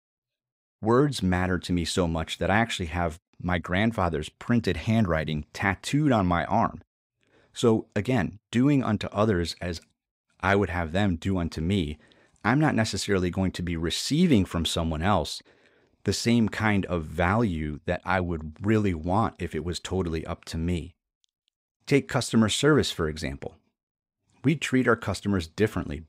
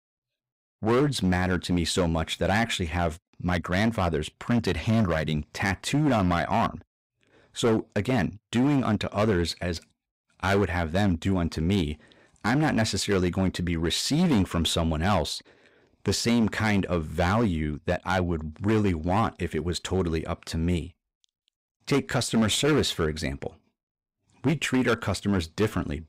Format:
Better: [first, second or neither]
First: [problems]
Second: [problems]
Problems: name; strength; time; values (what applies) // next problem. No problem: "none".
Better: first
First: none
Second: distortion; slight; 9% of the sound clipped